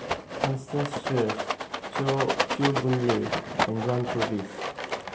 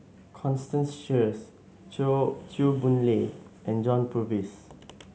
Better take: second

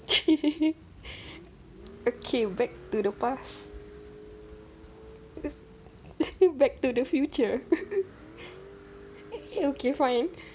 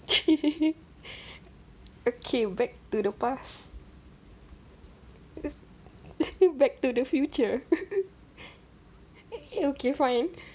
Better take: second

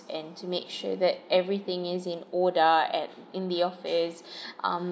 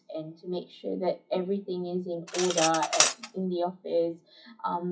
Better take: first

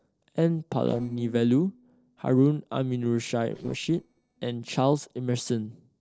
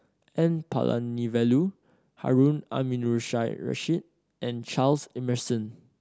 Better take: second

